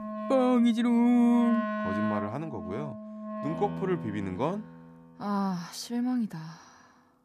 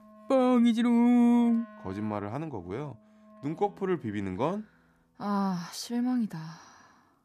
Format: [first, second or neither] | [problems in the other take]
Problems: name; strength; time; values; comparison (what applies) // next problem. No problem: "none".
second | background music; loud; throughout; 8 dB below the speech; faint in the second